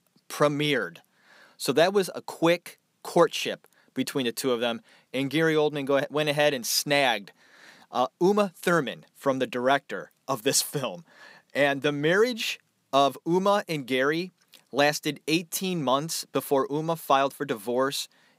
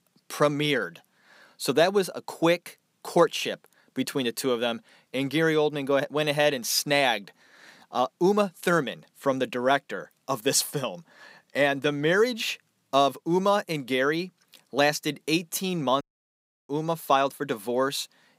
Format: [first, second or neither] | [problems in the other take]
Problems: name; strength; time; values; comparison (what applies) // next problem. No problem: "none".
first | audio cutting out; at 16 s for 0.5 s